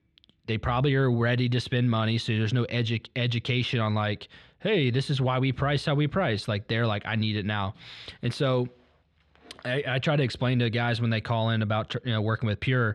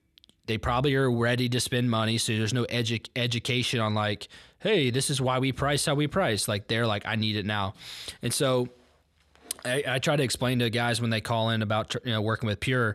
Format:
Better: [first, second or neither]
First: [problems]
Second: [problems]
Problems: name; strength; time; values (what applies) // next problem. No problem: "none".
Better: second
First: muffled; very slightly; fading above 3 kHz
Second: none